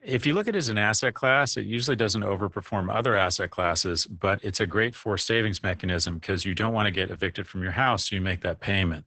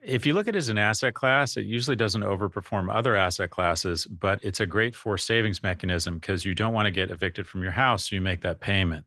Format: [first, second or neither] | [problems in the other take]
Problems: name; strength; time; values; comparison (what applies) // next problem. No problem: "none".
second | garbled, watery; badly; nothing above 8 kHz; slightly in the second